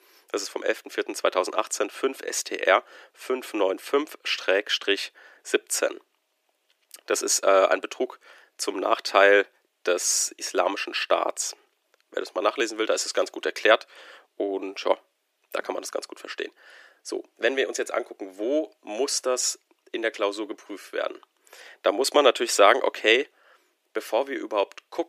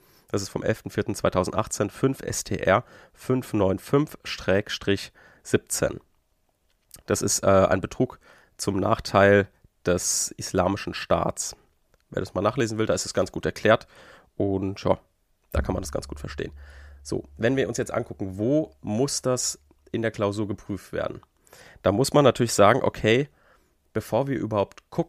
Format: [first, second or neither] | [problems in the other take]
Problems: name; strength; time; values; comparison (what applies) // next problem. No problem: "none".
second | thin; somewhat; fading below 300 Hz